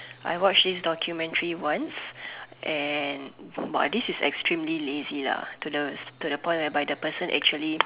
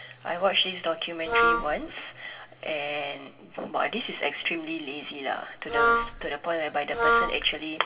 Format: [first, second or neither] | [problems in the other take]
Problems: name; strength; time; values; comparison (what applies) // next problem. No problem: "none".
first | background sound (Wind instrument, woodwind instrument); 5 dB above the speech // room echo; dies away in 3 s